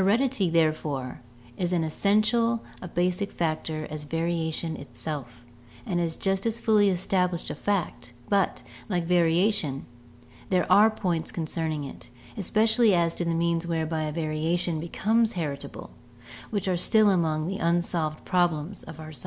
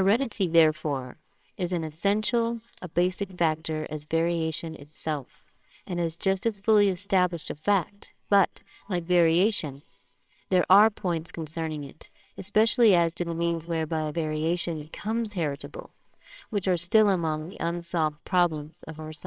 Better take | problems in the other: first | noise reduction (neural separator model SepFormer WHAMR!)

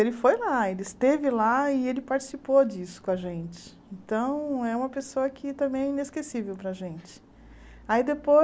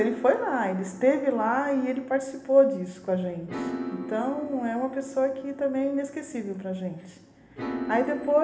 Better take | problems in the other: first | background sound (Piano); 12 dB below the speech // room echo; dies away in 1.1 s

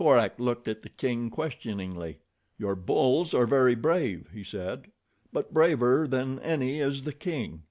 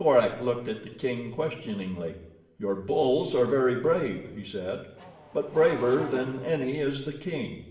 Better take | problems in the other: first | background sound (Race car, auto racing / Accelerating, revving, vroom); 17 dB below the speech // room echo; dies away in 0.8 s

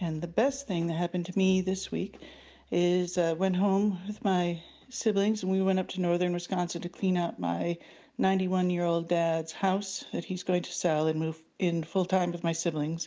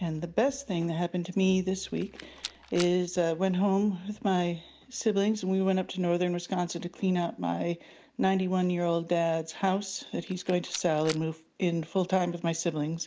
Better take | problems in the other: first | background sound (Rattle); 14 dB below the speech

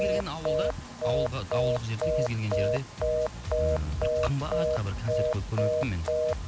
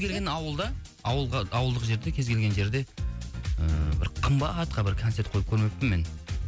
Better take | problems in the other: second | background sound (Telephone); 3 dB above the speech

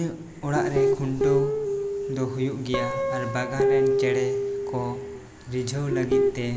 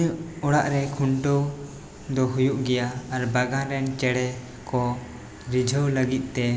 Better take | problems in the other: second | background sound (Guitar); 3 dB above the speech

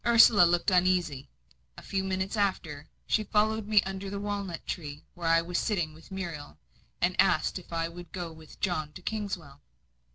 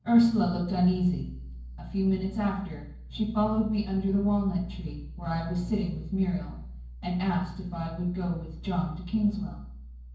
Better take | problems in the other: first | room echo; dies away in 0.9 s

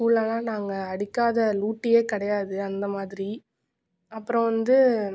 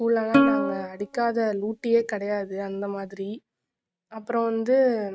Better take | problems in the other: first | noise reduction (neural mask model RNNoise)

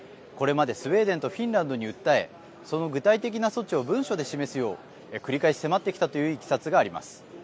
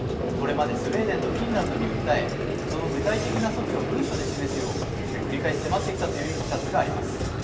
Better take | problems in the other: first | background sound (Vehicle); 1 dB above the speech // room echo; dies away in 0.9 s

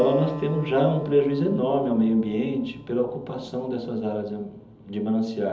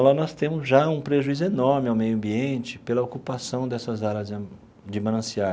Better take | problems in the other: second | background sound (Acoustic guitar); 16 dB below the speech // room echo; dies away in 1.2 s

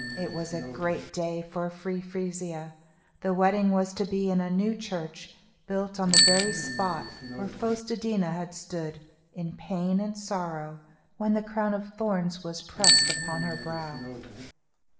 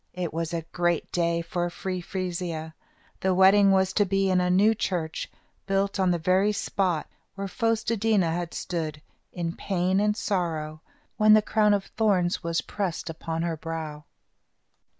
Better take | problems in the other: second | background sound (Bicycle bell); 2 dB below the speech // room echo; dies away in 0.8 s

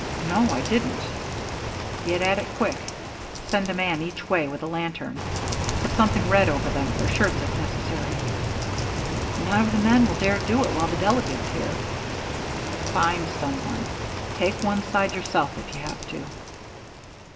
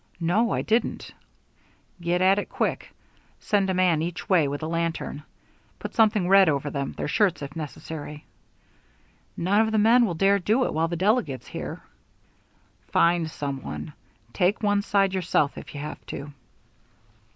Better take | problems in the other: second | background sound (Rain); 2 dB below the speech // room echo; dies away in 2.4 s

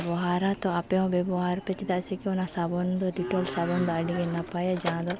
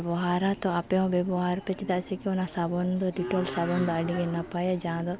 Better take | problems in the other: second | background sound (Mechanisms); 18 dB below the speech

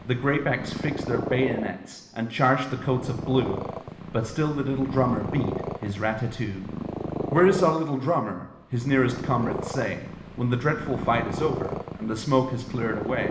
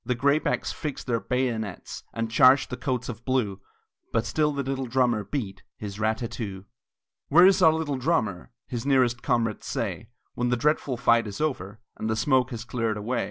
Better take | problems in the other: second | background sound (Purr); 8 dB below the speech // room echo; dies away in 1.1 s

